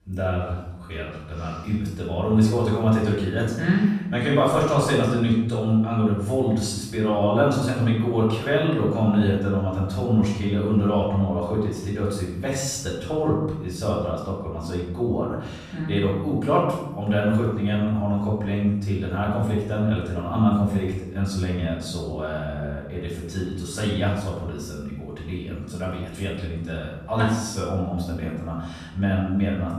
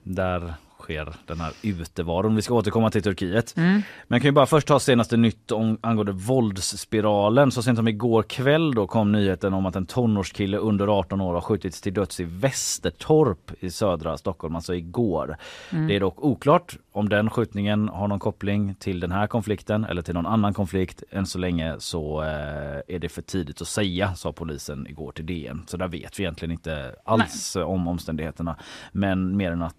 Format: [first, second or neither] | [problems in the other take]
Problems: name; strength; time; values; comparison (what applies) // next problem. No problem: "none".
second | off-mic speech; far // room echo; noticeable; dies away in 0.9 s